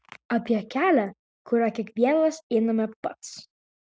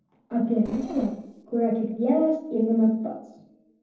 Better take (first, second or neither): first